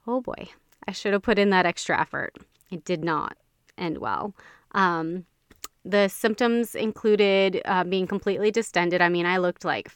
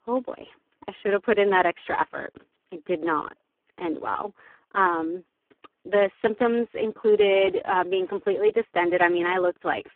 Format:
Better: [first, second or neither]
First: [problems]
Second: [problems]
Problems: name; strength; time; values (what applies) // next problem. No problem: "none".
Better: first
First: none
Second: phone-call audio; poor line